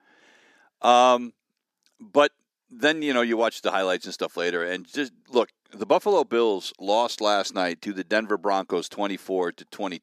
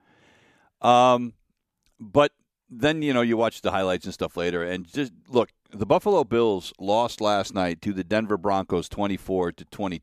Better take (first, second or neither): second